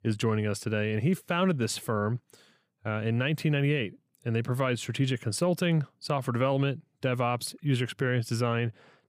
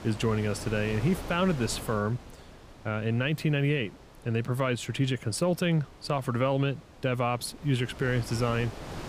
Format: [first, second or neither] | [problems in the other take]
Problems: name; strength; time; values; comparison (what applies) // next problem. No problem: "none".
first | wind noise on the microphone; occasional gusts; 15 dB below the speech